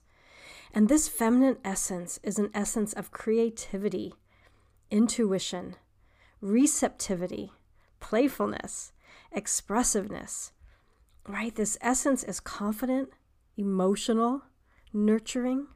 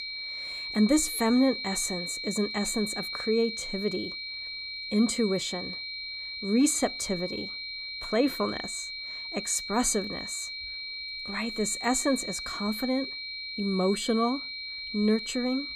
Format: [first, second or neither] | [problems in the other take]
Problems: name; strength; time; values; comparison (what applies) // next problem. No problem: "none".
first | high-pitched whine; loud; throughout; 4 kHz, 5 dB below the speech